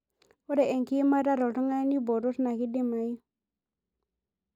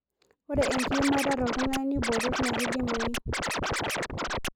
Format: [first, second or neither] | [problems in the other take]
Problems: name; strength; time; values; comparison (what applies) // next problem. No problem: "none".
first | background sound (Scratching (performance technique)); as loud as the speech